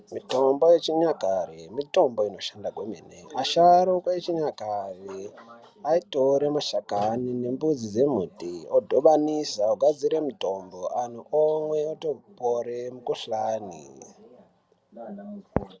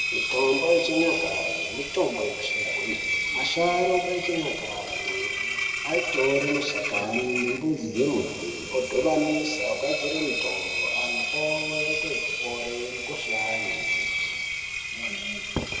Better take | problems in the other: first | background sound (Engine); 1 dB below the speech // room echo; dies away in 1.6 s

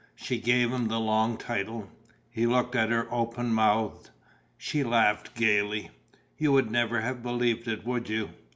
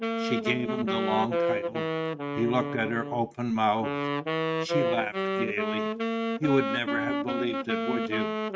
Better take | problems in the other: first | noise reduction (neural mask model RNNoise)

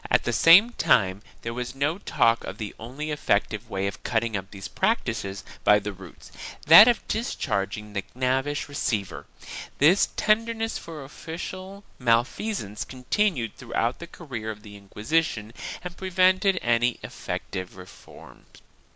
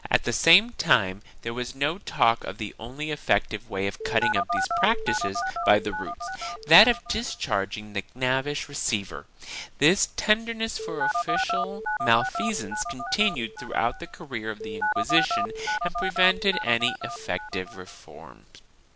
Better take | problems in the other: first | background sound (Telephone); 3 dB below the speech

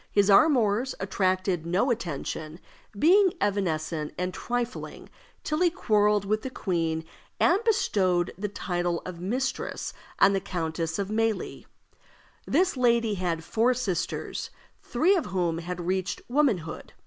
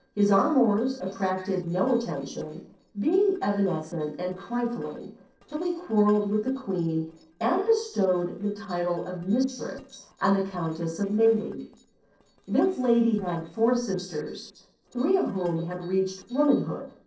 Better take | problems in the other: first | noise reduction (neural separator model SepFormer DNS4)

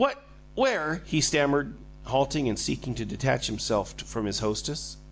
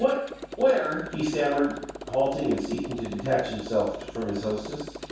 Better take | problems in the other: first | background sound (Motorcycle); 12 dB below the speech // room echo; dies away in 0.7 s

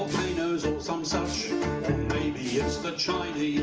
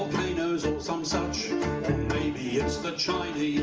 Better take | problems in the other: second | background sound (Shatter); 20 dB below the speech

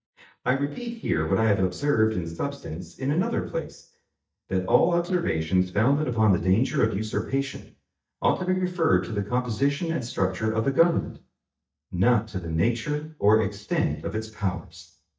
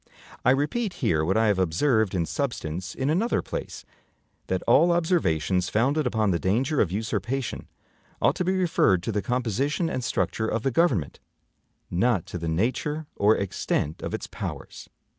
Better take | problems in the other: second | noise reduction (neural mask model DeepFilterNet 3)

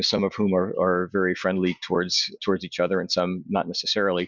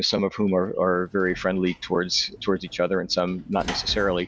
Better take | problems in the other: first | background sound (Sliding door / Slam); 17 dB below the speech

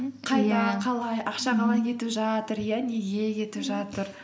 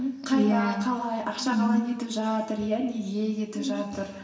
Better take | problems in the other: first | room echo; dies away in 1.2 s

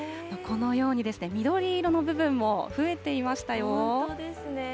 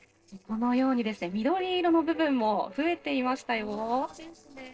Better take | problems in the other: first | noise reduction (neural separator model SepFormer DNS4)

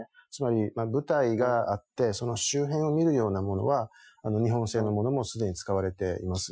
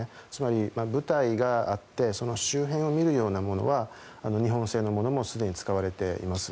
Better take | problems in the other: second | noise reduction (classical method Wiener filter)

